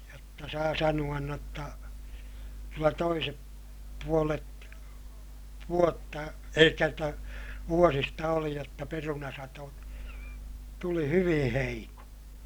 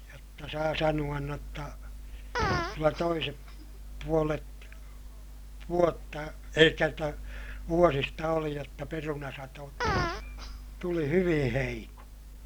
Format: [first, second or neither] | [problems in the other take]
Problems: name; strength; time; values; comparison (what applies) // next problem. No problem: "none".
first | background sound (Fart); 6 dB below the speech